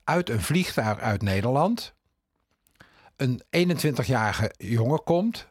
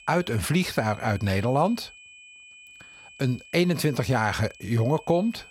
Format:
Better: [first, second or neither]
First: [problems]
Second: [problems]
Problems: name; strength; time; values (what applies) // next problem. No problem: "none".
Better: first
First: none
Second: high-pitched whine; faint; throughout; 2.5 kHz, 20 dB below the speech